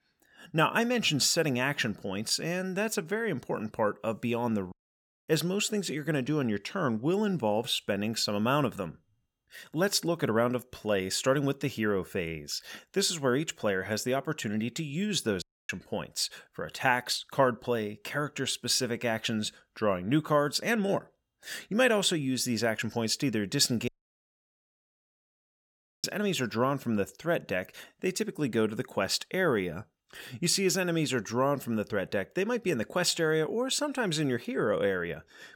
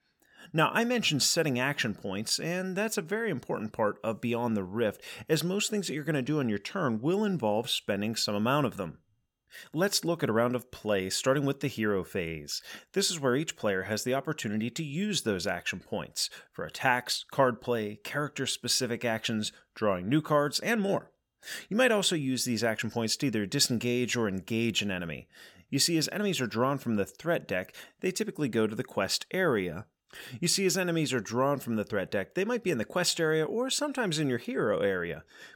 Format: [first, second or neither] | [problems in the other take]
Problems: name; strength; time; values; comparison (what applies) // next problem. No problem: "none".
second | audio cutting out; at 4.5 s for 0.5 s, at 15 s and at 24 s for 2 s